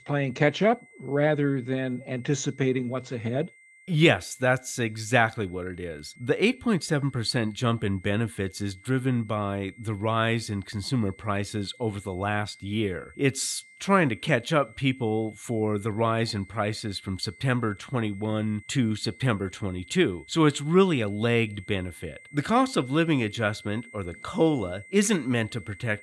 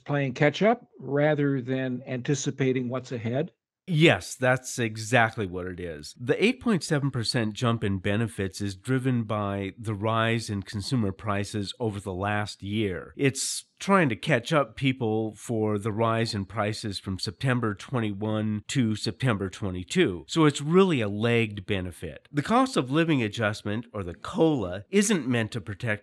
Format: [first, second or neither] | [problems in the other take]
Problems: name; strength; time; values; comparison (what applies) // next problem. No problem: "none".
second | high-pitched whine; faint; throughout; 2 kHz, 25 dB below the speech